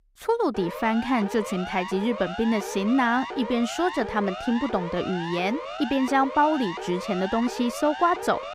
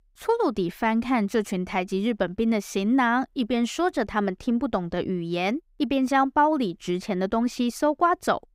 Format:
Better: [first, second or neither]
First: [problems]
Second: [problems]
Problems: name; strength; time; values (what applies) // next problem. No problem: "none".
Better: second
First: siren; noticeable; from 0.5 s on; peak 8 dB below the speech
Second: none